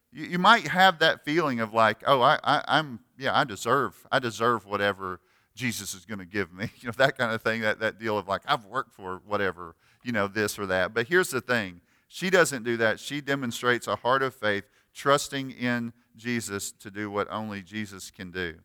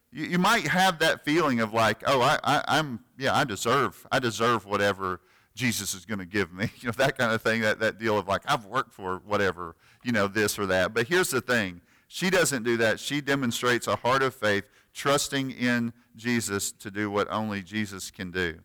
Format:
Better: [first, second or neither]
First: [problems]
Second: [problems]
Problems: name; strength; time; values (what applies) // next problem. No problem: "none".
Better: first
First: none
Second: distortion; heavy; 8% of the sound clipped